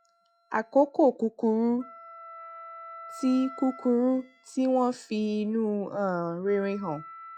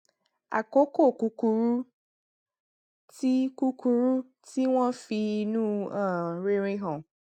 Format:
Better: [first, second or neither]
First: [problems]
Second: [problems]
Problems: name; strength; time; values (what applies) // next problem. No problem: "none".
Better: second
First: noise reduction (classical method log-MMSE)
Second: none